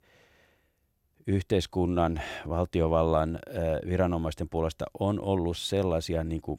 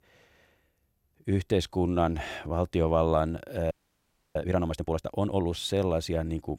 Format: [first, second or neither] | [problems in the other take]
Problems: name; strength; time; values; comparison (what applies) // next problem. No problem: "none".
first | audio freezing; at 3.5 s for 0.5 s